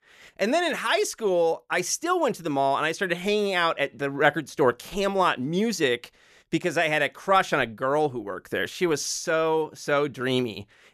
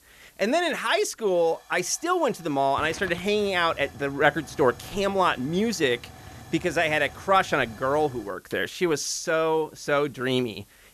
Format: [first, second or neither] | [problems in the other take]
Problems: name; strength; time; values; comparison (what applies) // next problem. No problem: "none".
first | hiss; faint; throughout; 20 dB below the speech